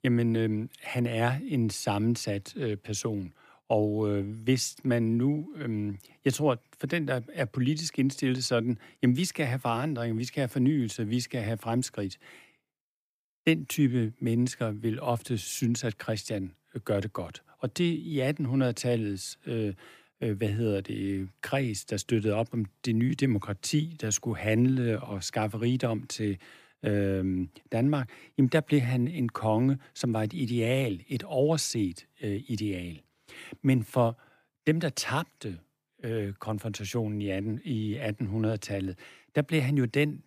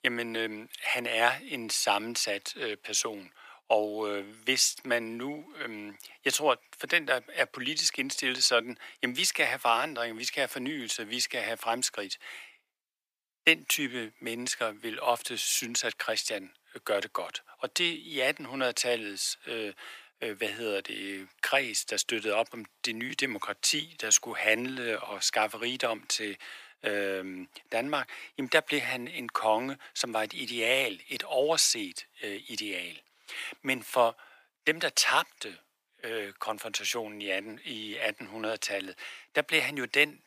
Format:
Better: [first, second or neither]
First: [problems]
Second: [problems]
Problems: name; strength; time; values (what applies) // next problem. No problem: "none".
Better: first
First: none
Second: thin; very; fading below 700 Hz